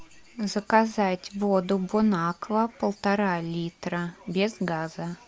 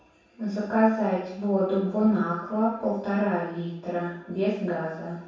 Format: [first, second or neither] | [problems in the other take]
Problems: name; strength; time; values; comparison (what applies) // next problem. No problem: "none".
first | room echo; dies away in 0.7 s